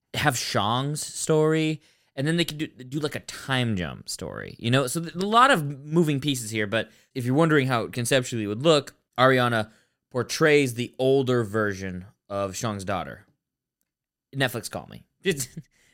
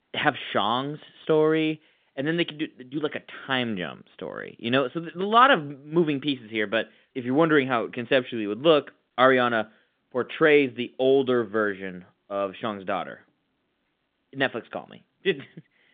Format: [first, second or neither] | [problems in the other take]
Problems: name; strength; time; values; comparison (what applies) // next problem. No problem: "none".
first | phone-call audio